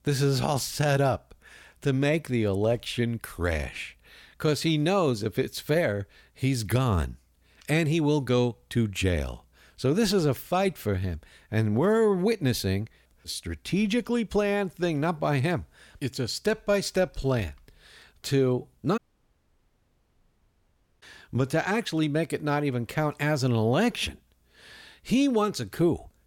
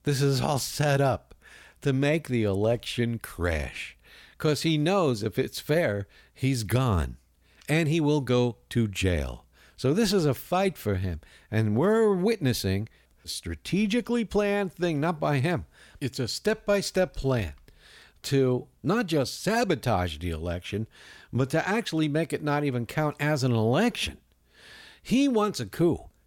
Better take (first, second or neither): second